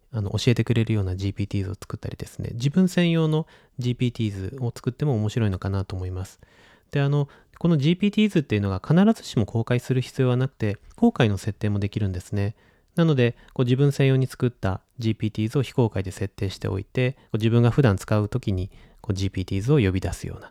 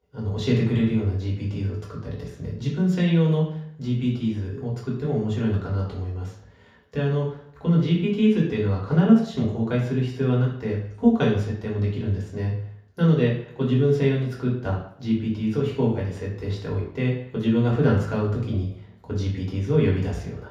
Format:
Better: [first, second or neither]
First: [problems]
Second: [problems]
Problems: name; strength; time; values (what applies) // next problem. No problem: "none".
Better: first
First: none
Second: room echo; noticeable; dies away in 0.6 s // off-mic speech; far